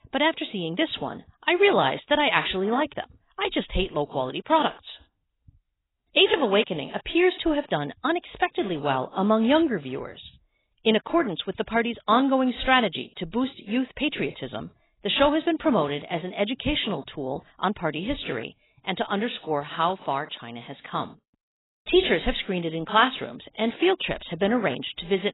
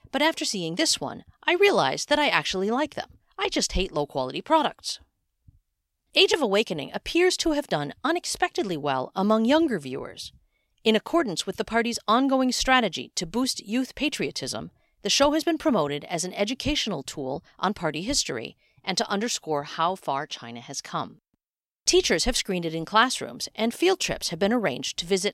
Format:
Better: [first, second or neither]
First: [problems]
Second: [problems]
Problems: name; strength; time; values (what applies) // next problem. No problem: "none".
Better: second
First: garbled, watery; badly; nothing above 4 kHz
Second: none